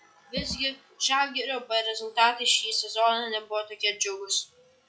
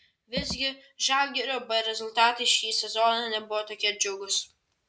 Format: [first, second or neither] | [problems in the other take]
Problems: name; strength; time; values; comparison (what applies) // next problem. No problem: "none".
second | noise reduction (classical method log-MMSE)